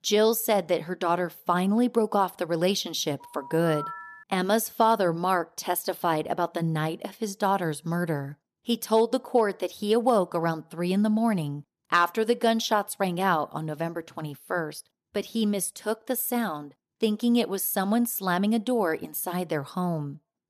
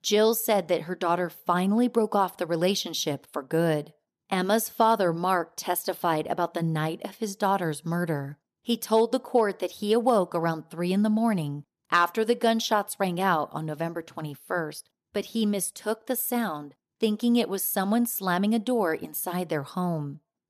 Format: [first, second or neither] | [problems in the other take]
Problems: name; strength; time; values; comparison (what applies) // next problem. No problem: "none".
second | phone ringing; noticeable; from 3 to 4 s; peak 9 dB below the speech